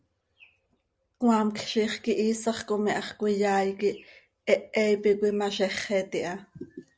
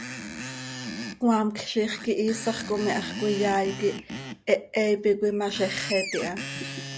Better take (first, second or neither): first